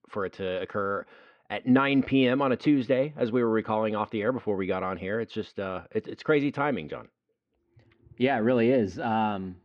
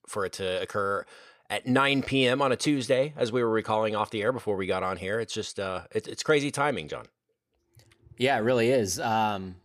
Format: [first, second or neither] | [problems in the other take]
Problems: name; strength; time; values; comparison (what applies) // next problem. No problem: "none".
second | muffled; very; fading above 3 kHz